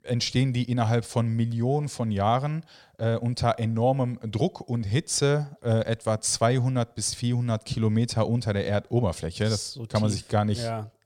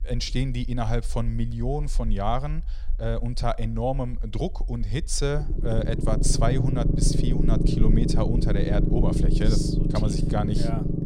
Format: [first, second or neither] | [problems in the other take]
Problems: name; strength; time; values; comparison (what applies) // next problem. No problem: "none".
first | low rumble; loud; throughout; 2 dB below the speech